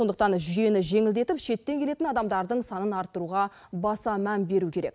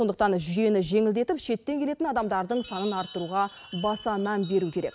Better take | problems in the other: first | background sound (Chime); 19 dB below the speech

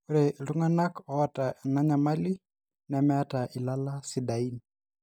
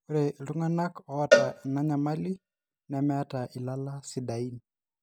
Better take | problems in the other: first | background sound (Cowbell); 1 dB above the speech

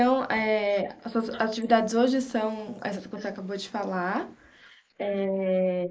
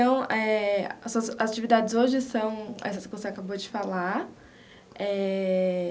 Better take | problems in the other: second | noise reduction (neural mask model Resemble Enhance denoiser)

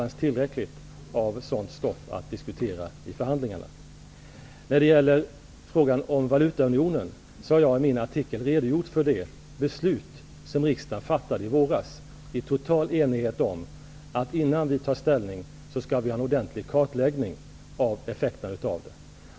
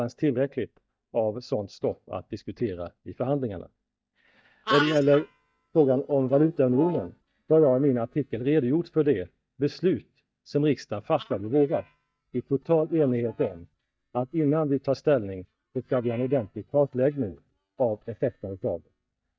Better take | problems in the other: first | noise reduction (neural mask model DeepFilterNet 3)

